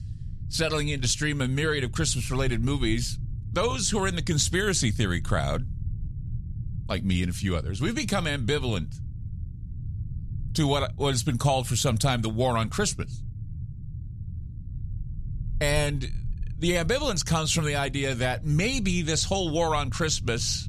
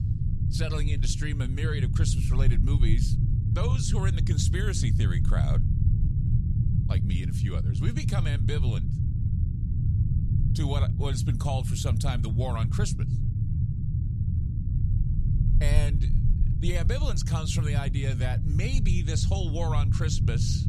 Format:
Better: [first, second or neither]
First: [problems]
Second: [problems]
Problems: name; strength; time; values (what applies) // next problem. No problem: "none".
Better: first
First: low rumble; faint; throughout; 20 dB below the speech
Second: low rumble; loud; throughout; 4 dB below the speech